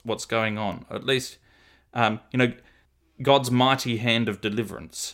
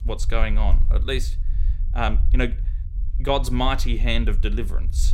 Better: first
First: none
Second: low rumble; noticeable; throughout; 20 dB below the speech

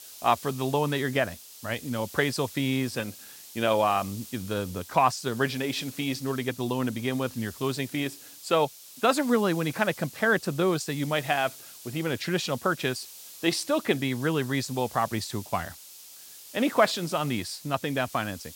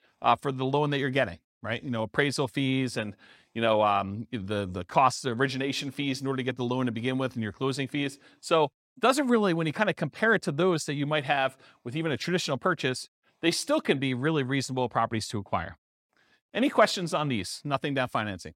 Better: second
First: hiss; noticeable; throughout; 15 dB below the speech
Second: none

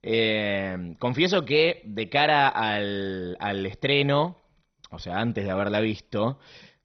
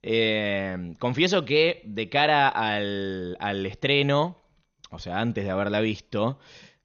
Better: second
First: garbled, watery; badly; nothing above 6 kHz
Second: garbled, watery; slightly; nothing above 6.5 kHz

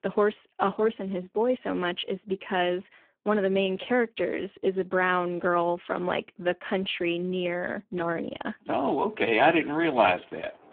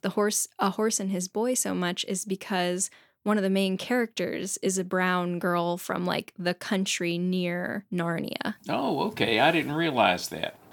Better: second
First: phone-call audio; poor line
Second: none

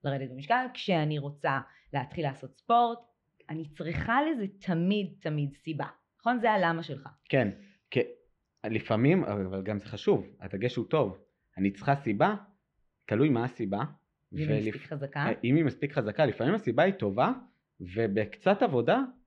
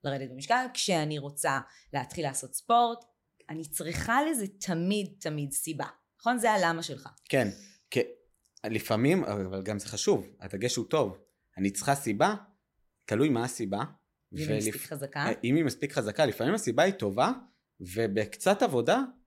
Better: second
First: muffled; very; fading above 3 kHz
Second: none

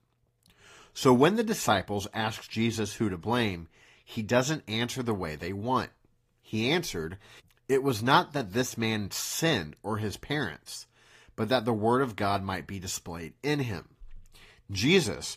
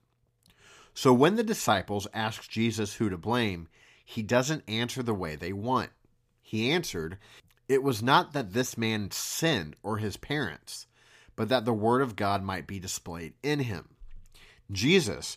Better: second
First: garbled, watery; slightly; nothing above 15 kHz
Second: none

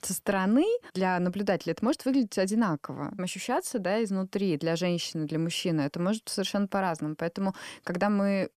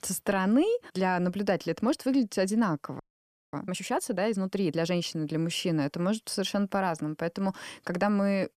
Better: first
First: none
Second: audio freezing; at 3 s for 0.5 s

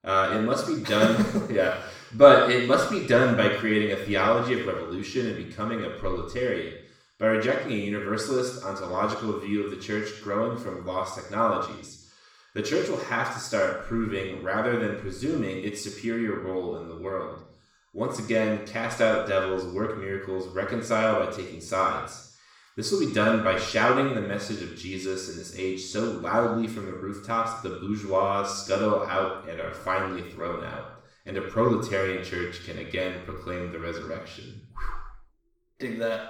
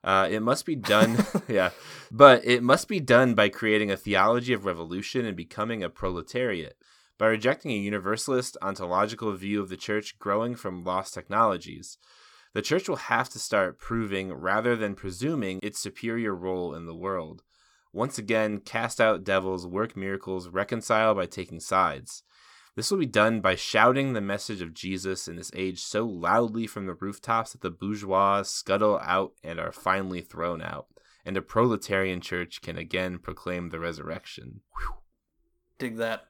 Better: second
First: room echo; noticeable; dies away in 0.7 s // off-mic speech; far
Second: none

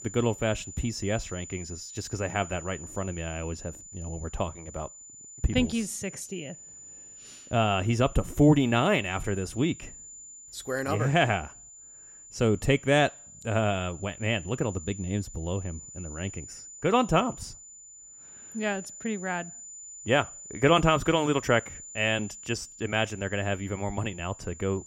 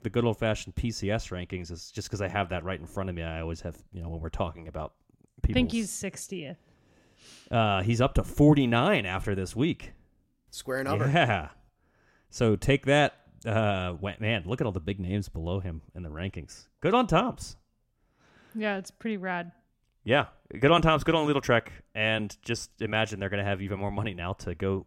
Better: second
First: high-pitched whine; noticeable; throughout; 7 kHz, 15 dB below the speech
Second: none

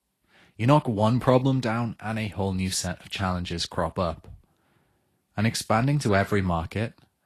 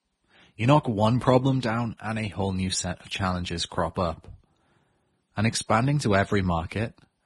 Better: first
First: garbled, watery; slightly; nothing above 12 kHz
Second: garbled, watery; badly

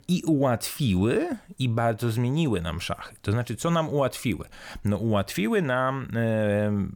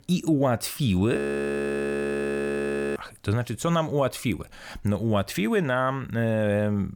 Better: first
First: none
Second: audio freezing; at 1 s for 2 s

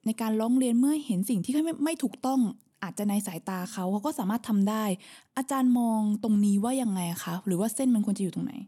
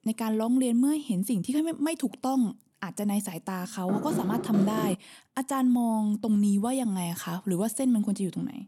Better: first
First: none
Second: door banging; noticeable; from 4 to 5 s; peak 2 dB below the speech

